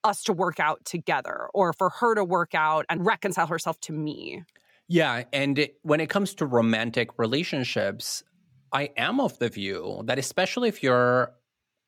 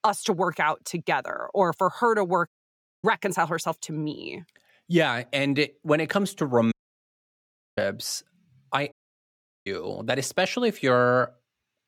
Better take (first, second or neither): first